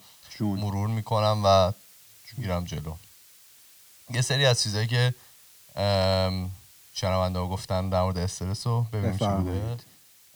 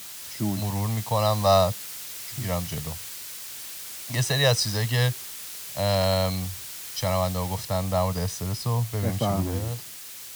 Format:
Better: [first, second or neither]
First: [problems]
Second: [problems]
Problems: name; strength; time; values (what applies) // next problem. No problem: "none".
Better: first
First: hiss; faint; throughout; 25 dB below the speech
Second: hiss; loud; throughout; 9 dB below the speech